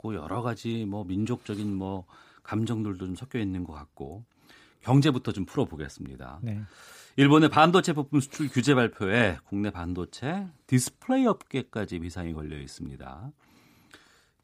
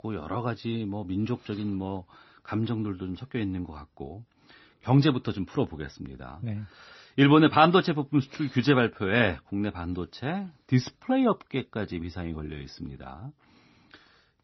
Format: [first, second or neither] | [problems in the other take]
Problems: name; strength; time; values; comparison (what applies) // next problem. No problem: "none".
first | garbled, watery; slightly; nothing above 6 kHz